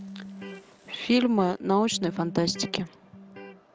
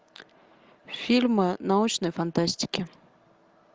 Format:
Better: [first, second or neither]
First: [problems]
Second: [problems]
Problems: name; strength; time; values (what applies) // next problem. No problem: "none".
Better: second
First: background sound (Electric guitar + Fire); 15 dB below the speech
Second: none